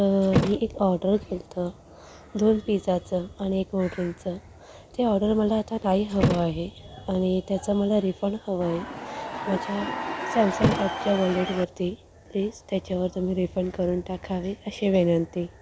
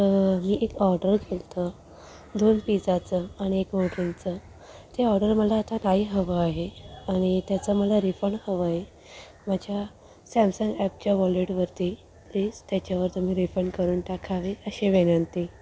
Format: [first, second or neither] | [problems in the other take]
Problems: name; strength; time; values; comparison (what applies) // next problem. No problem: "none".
second | background sound (Crowd / Cheering + Thump, thud); 5 dB below the speech